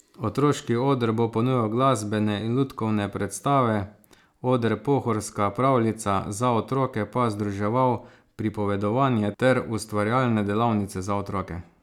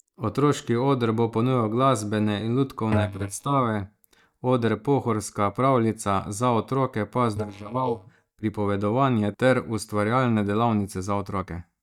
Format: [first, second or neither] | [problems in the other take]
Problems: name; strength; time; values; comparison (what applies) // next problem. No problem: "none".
first | noise reduction (neural mask model DeepFilterNet 3)